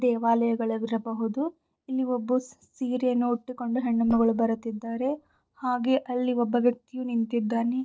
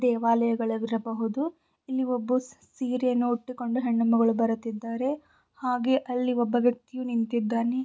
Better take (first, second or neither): second